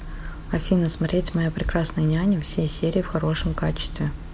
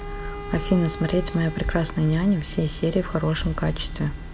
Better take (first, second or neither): first